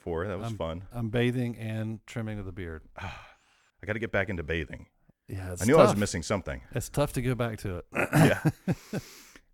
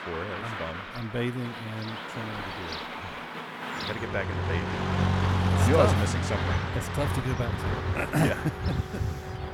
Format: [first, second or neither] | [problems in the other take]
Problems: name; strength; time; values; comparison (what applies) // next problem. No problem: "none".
first | traffic noise; very loud; throughout; 1 dB above the speech